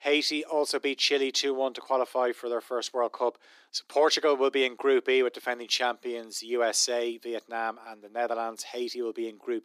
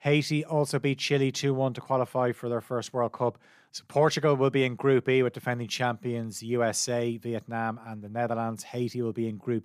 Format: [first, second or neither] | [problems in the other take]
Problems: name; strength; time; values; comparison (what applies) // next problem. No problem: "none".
second | thin; somewhat; fading below 300 Hz